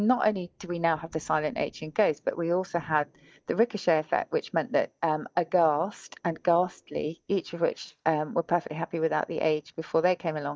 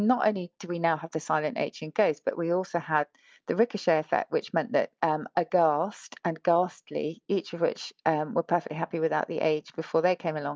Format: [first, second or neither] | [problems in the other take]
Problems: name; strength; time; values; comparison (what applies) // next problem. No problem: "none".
second | noise reduction (neural mask model DeepFilterNet 3)